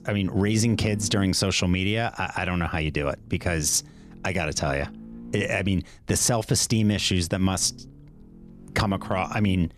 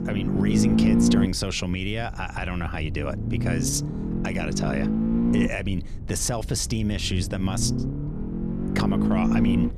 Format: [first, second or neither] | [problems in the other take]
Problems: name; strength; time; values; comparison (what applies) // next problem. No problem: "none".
first | low rumble; loud; throughout; as loud as the speech; faint in the first